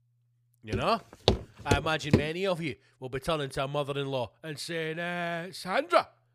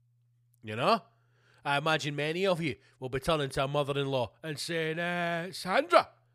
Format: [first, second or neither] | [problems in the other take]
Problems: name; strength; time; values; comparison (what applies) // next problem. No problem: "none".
second | footsteps; loud; from 0.5 to 2 s; peak 3 dB above the speech